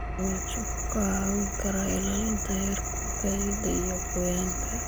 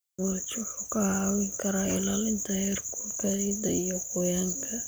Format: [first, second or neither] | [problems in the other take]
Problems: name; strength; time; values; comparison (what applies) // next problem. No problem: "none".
second | background sound (Engine); 3 dB below the speech